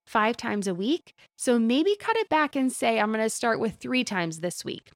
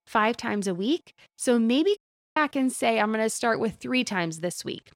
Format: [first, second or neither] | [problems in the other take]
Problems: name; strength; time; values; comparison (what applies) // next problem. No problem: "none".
first | audio cutting out; at 2 s